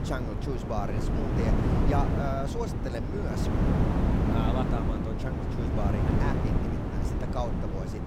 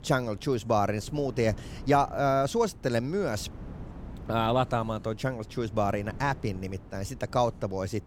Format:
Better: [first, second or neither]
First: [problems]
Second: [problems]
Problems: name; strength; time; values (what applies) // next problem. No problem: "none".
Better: second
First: wind noise on the microphone; heavy; 1 dB above the speech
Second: wind noise on the microphone; occasional gusts; 25 dB below the speech